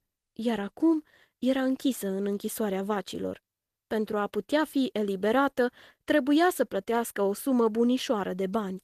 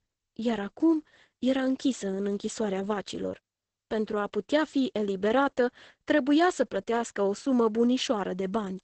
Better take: first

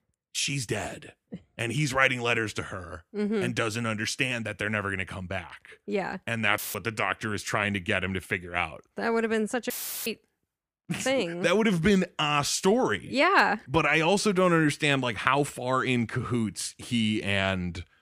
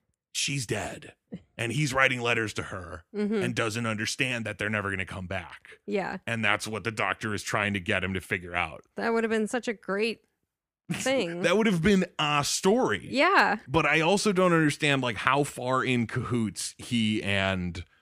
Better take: second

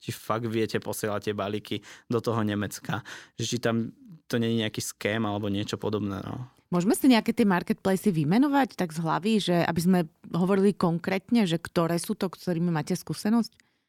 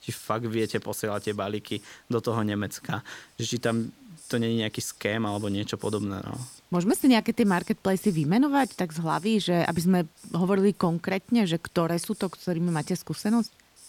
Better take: first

